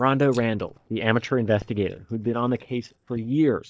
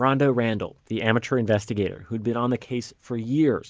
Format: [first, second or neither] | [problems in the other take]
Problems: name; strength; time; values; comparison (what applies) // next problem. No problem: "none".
second | noise reduction (neural mask model DeepFilterNet 3)